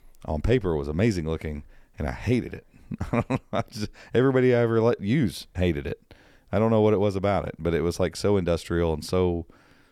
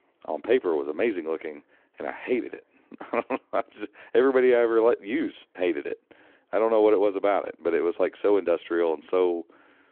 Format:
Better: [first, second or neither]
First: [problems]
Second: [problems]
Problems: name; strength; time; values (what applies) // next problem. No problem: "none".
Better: first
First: none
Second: phone-call audio